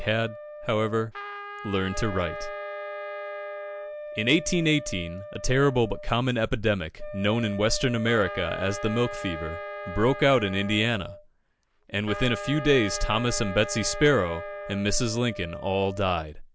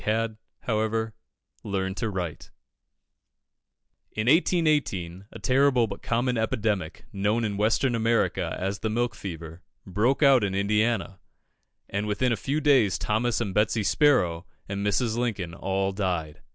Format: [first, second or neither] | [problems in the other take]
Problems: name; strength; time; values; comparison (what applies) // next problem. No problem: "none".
second | background sound (Wind instrument, woodwind instrument + Trumpet); 11 dB below the speech